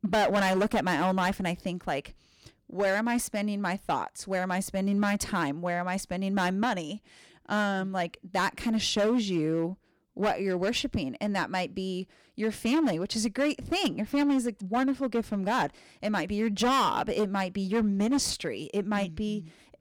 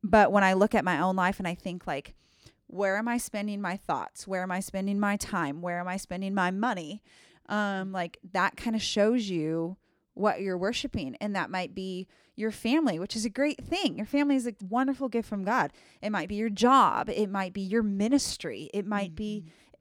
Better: second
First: distortion; heavy; 8% of the sound clipped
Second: none

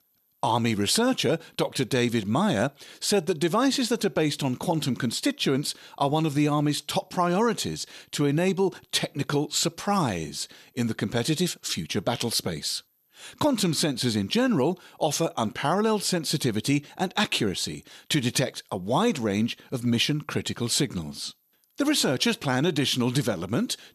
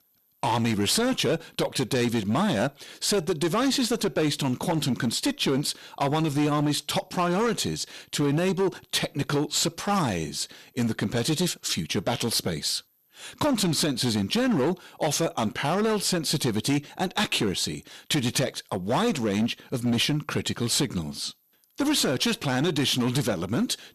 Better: first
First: none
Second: distortion; slight; 11% of the sound clipped

